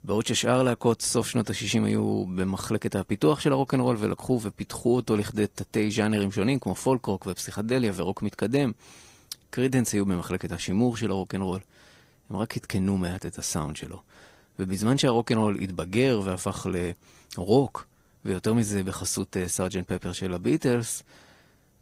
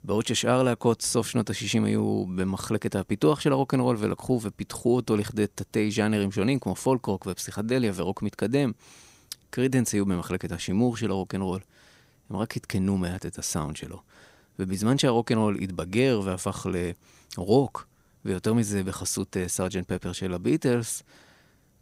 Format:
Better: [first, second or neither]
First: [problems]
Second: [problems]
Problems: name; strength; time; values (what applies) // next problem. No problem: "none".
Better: second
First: garbled, watery; slightly; nothing above 15.5 kHz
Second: none